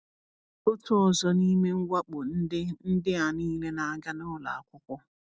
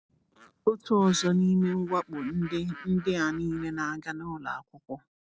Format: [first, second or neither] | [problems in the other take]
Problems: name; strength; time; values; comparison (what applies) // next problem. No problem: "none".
first | background sound (Bird); 19 dB below the speech